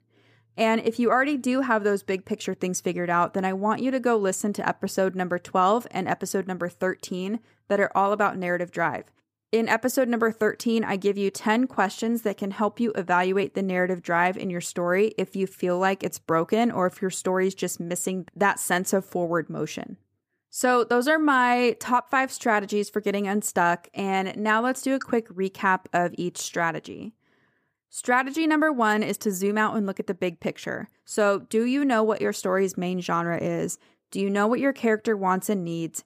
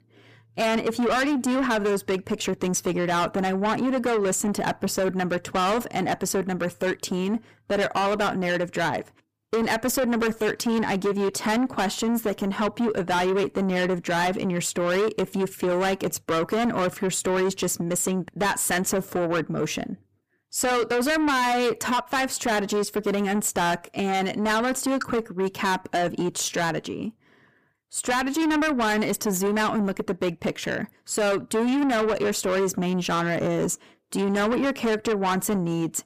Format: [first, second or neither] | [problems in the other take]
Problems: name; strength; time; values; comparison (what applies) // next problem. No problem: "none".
first | distortion; heavy; 6 dB below the speech